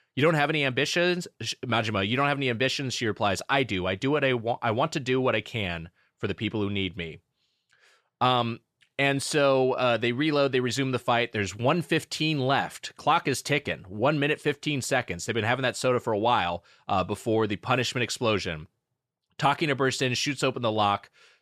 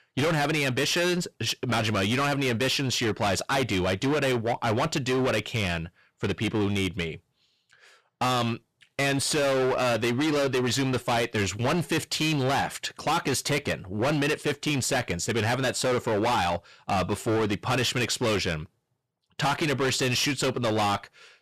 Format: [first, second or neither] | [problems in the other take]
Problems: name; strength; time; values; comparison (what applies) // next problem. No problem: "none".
first | distortion; heavy; 23% of the sound clipped